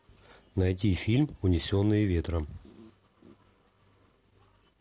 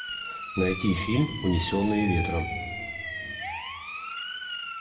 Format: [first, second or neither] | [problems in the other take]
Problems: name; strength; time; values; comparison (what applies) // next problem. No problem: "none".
first | background sound (Siren); 6 dB below the speech // room echo; dies away in 1.3 s